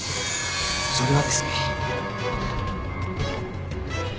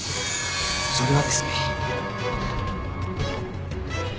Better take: second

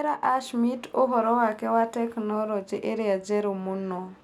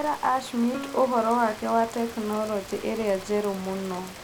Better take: first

